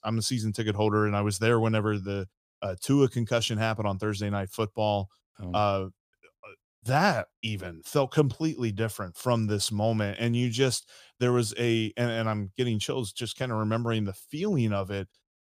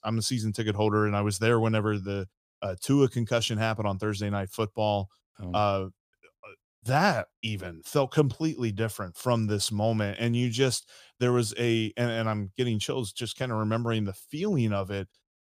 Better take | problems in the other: neither | none

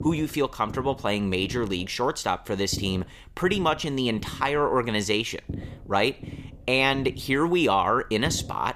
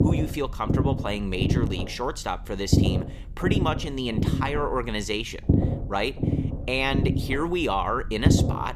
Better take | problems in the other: first | low rumble; loud; throughout; 6 dB below the speech; faint in the first

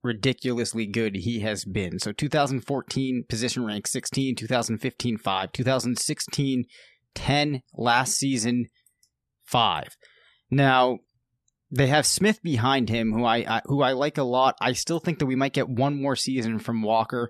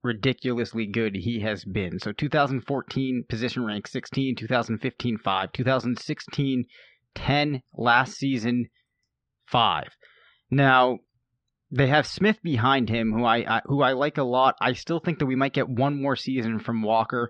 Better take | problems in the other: first | muffled; slightly; fading above 4 kHz

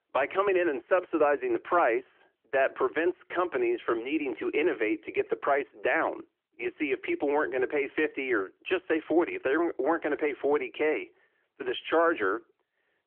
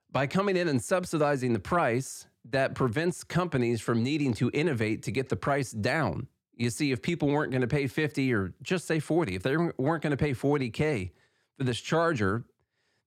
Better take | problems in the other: second | phone-call audio; nothing above 3 kHz

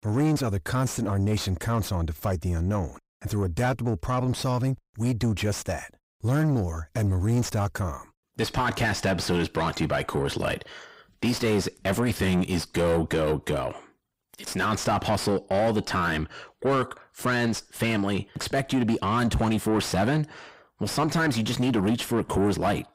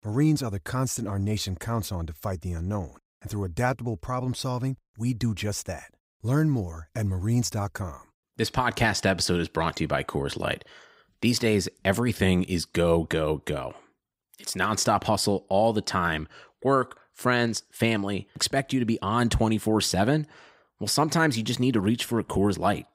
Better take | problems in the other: second | distortion; heavy; 7 dB below the speech

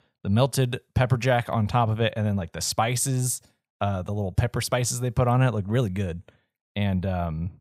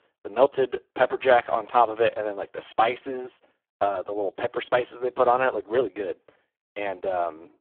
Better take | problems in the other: first | phone-call audio; poor line

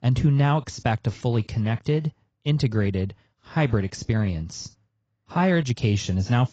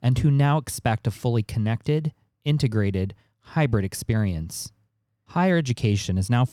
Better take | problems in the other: second | garbled, watery; badly; nothing above 16 kHz

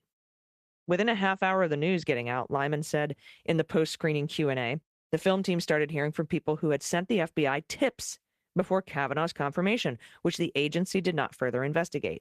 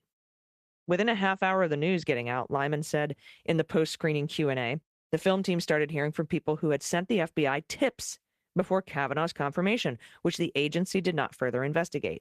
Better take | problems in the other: neither | garbled, watery; slightly; nothing above 14.5 kHz; the same in both

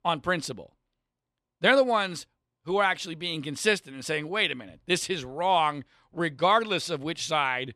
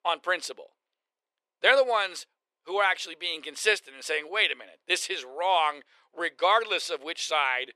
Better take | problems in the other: first | thin; very; fading below 450 Hz

